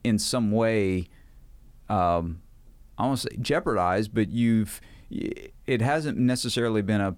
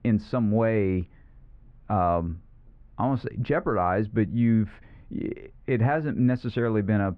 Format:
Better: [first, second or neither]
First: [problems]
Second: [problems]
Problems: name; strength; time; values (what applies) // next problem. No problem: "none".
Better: first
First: none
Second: muffled; very; fading above 2 kHz